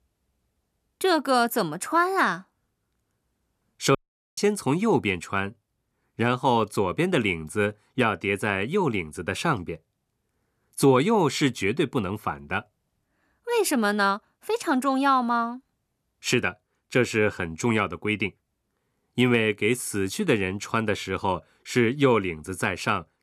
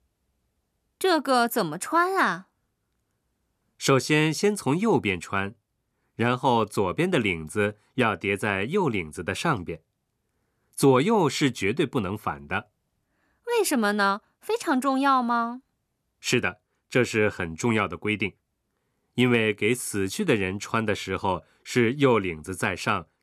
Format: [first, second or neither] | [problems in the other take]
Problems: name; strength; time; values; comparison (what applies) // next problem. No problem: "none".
second | audio cutting out; at 4 s